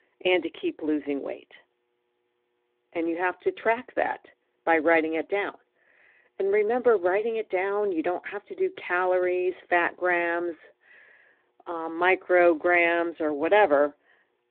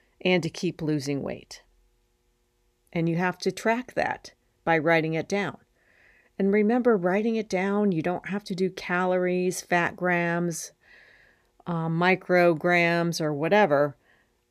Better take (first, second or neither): second